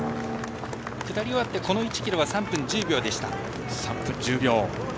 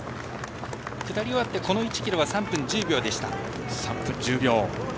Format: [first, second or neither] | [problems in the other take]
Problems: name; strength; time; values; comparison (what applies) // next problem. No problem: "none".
second | background sound (Drum); 13 dB below the speech